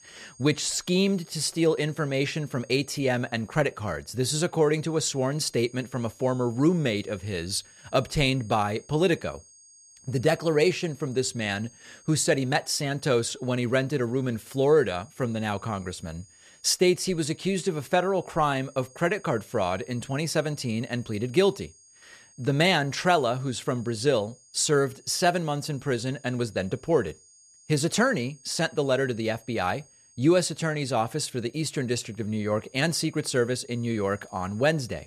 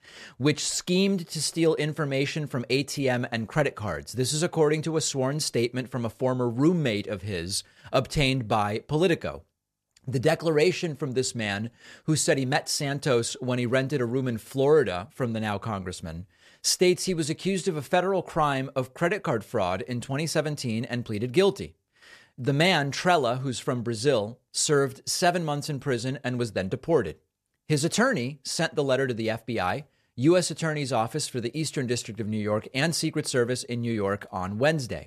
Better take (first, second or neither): second